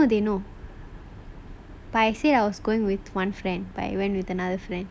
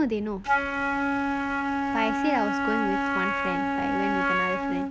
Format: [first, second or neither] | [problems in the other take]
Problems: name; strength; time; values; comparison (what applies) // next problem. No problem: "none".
first | background sound (Wind instrument, woodwind instrument); 5 dB above the speech